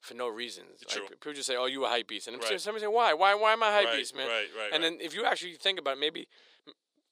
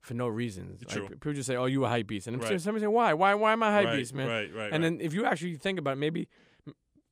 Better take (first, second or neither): second